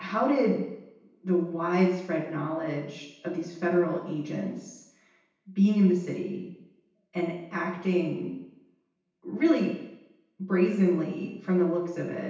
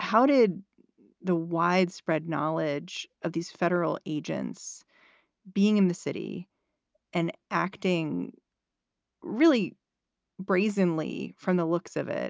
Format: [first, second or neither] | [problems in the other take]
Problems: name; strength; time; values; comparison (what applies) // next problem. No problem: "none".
second | room echo; dies away in 0.9 s